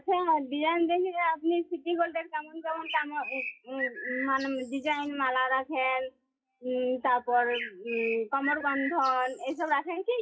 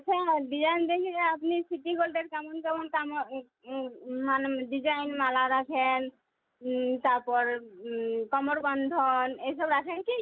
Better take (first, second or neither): second